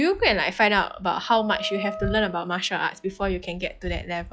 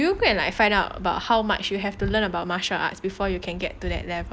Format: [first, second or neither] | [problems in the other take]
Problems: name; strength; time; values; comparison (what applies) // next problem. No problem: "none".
second | noise reduction (classical method log-MMSE)